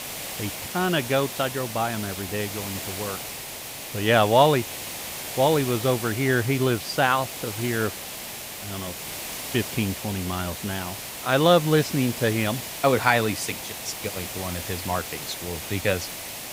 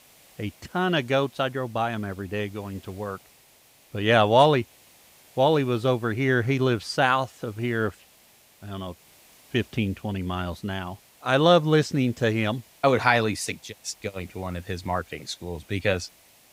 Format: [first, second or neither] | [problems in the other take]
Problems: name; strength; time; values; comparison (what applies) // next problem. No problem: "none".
second | hiss; loud; throughout; 8 dB below the speech; faint in the second